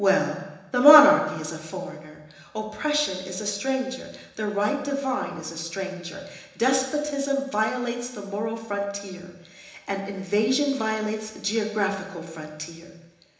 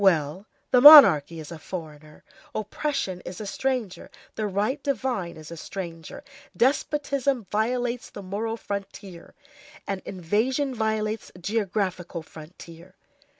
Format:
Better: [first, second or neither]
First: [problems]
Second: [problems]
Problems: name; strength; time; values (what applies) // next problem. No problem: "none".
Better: second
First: room echo; dies away in 1 s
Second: none